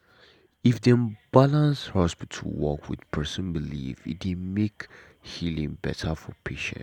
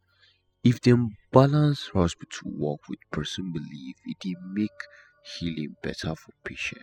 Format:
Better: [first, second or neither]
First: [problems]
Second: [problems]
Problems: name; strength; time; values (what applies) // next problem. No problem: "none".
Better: first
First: none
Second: noise reduction (classical method spectral subtraction)